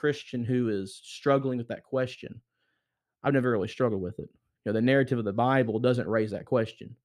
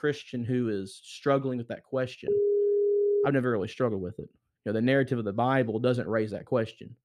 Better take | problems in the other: first | phone ringing; loud; at 2.5 s; peak 4 dB above the speech

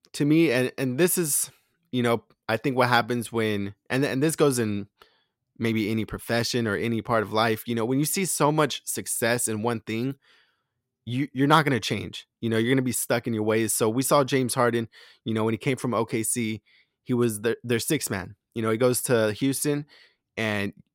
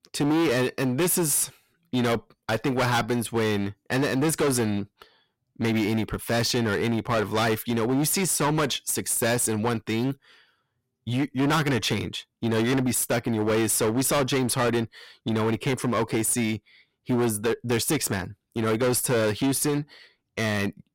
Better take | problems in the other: first | distortion; heavy; 16% of the sound clipped

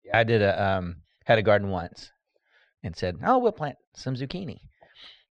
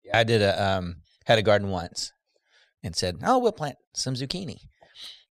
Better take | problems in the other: second | muffled; slightly; fading above 2.5 kHz

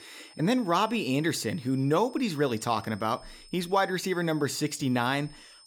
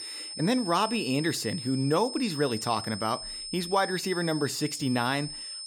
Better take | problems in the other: first | high-pitched whine; loud; throughout; 5 kHz, 8 dB below the speech; faint in the first

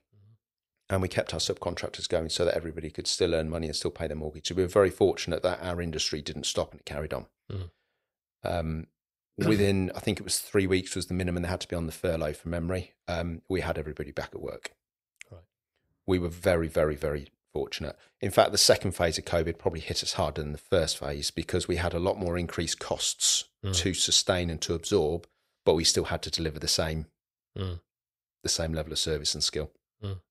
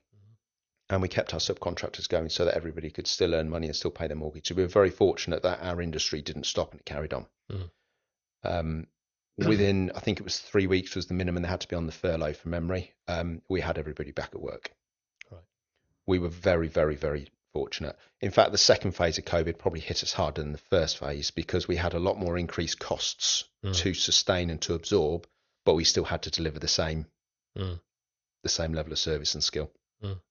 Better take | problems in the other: first | garbled, watery; slightly; nothing above 6.5 kHz

